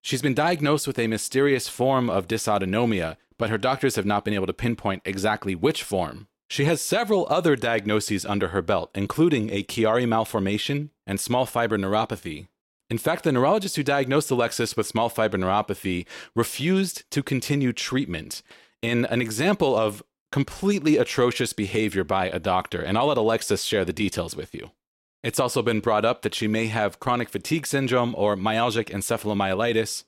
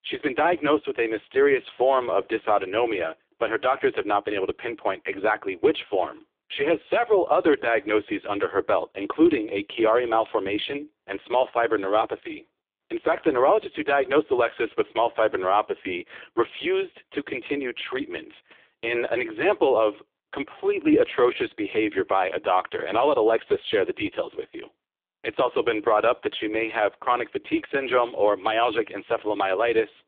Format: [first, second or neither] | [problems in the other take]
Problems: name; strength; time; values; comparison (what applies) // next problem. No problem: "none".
first | phone-call audio; poor line; nothing above 3.5 kHz